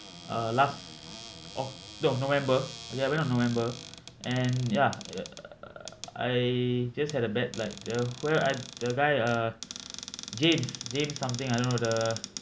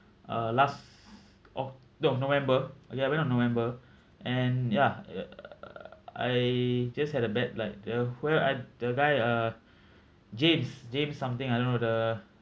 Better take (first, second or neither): second